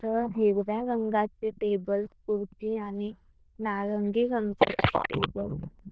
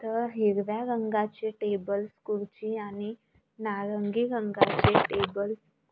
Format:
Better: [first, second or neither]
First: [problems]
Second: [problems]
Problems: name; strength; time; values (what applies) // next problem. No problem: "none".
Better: second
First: noise reduction (neural diffusion model UNIVERSE++)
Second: none